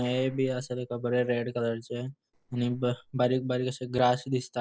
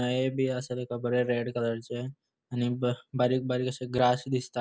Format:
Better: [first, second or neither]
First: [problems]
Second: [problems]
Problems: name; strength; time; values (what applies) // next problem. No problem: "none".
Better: second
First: noise reduction (neural separator model SepFormer DNS4)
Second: none